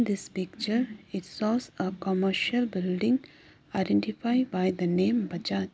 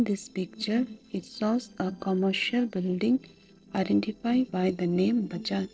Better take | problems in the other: first | noise reduction (neural separator model SepFormer DNS4)

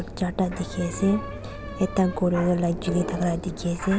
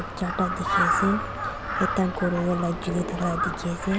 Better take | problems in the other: first | background sound (Crow); 2 dB below the speech

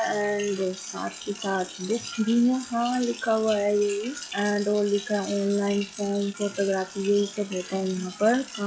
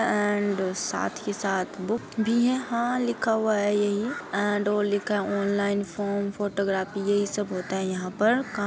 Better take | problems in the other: second | noise reduction (classical method log-MMSE)

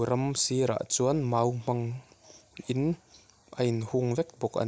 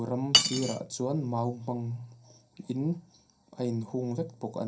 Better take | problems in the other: first | background sound (Cutlery, silverware); 1 dB above the speech // room echo; dies away in 0.3 s

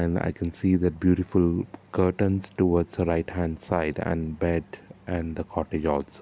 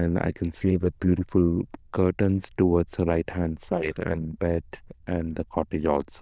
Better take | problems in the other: first | noise reduction (neural diffusion model UNIVERSE++)

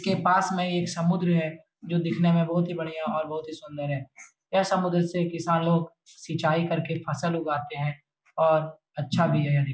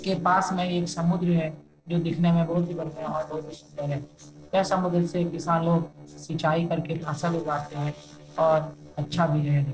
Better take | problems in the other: first | noise reduction (neural separator model SepFormer DNS4)

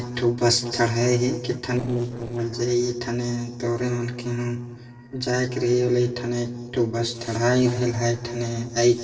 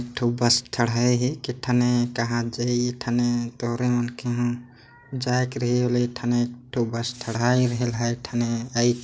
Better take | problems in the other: second | noise reduction (neural separator model SepFormer DNS4)

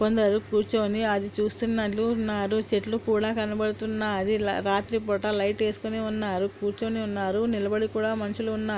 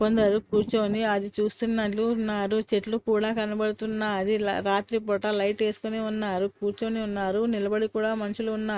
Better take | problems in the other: first | noise reduction (neural mask model RNNoise)

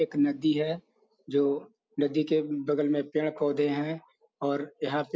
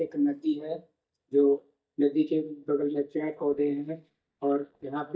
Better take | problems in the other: first | noise reduction (neural mask model DeepFilterNet 3)

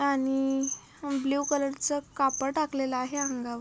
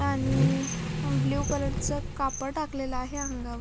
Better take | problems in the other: first | background sound (Accelerating, revving, vroom / Vehicle); 2 dB above the speech

